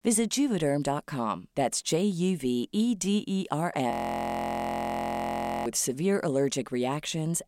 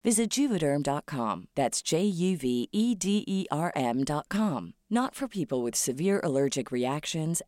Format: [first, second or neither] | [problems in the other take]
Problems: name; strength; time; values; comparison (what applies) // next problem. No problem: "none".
second | audio freezing; at 4 s for 2 s